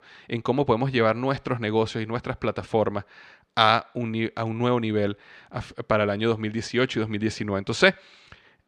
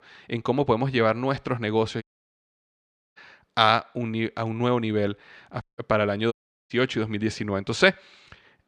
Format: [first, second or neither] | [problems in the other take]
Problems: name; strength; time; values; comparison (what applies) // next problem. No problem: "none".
first | audio cutting out; at 2 s for 1 s, at 5.5 s and at 6.5 s